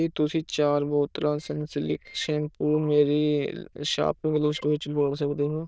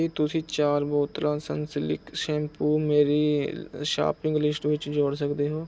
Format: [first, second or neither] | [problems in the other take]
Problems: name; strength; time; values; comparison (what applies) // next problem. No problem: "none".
second | noise reduction (neural diffusion model UNIVERSE++)